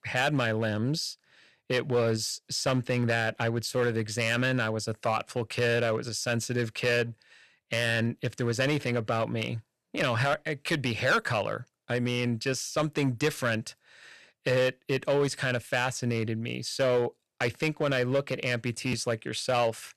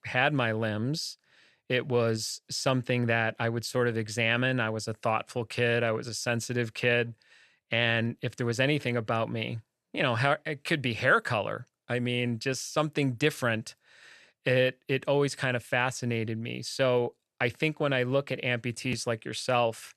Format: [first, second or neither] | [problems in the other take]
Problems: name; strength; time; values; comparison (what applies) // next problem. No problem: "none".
second | distortion; slight; 4% of the sound clipped